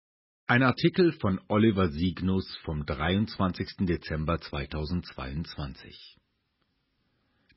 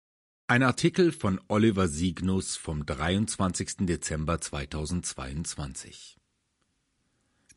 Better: second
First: garbled, watery; badly; nothing above 5.5 kHz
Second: garbled, watery; slightly; nothing above 11 kHz

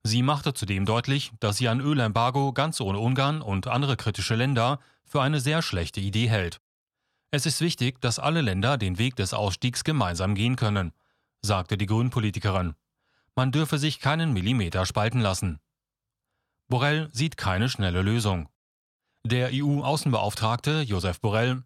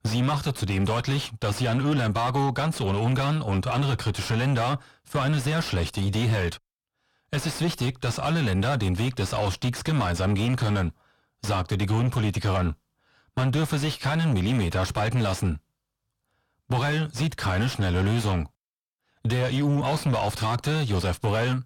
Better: first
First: none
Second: distortion; heavy; 7 dB below the speech

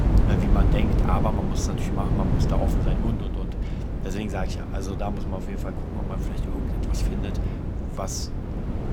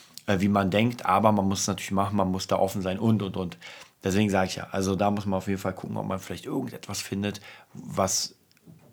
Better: second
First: wind noise on the microphone; heavy; 1 dB below the speech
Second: none

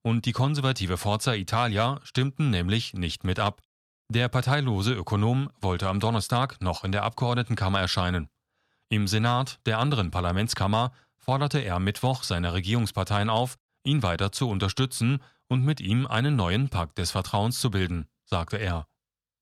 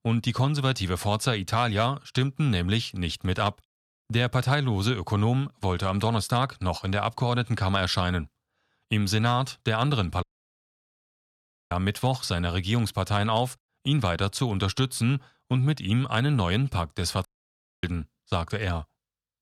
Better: first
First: none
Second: audio cutting out; at 10 s for 1.5 s and at 17 s for 0.5 s

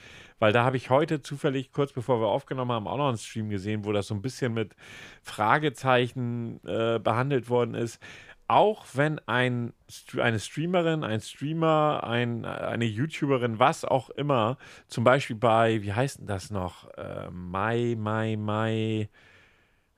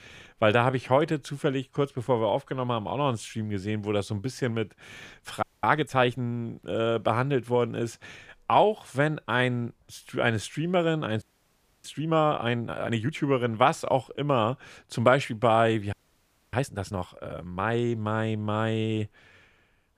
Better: first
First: none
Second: audio freezing; at 5.5 s, at 11 s for 0.5 s and at 16 s for 0.5 s

